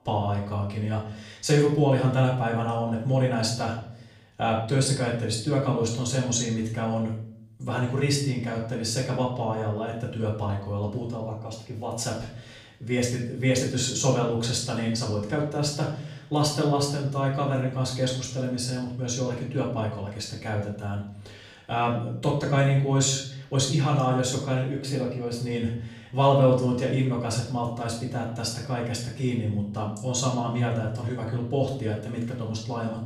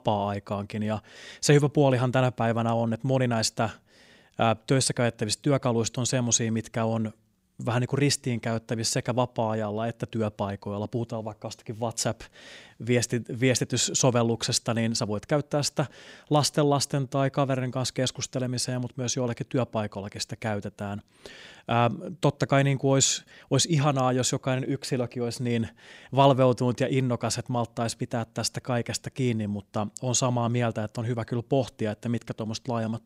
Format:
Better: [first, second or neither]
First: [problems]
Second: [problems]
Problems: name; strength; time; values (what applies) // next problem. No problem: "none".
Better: second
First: room echo; noticeable; dies away in 0.6 s // off-mic speech; far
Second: none